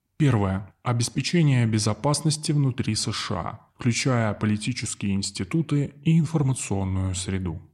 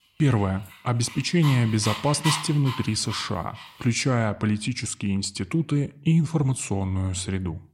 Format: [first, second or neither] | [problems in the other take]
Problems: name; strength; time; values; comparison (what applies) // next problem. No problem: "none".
first | dog barking; noticeable; from 1 to 3.5 s; peak 3 dB below the speech